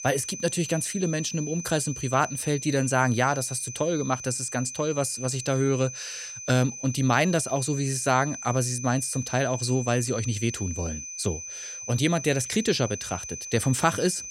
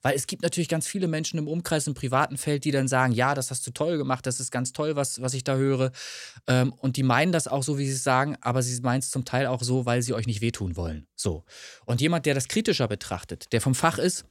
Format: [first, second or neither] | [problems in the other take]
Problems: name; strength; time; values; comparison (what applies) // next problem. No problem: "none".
second | high-pitched whine; loud; throughout; 6 kHz, 9 dB below the speech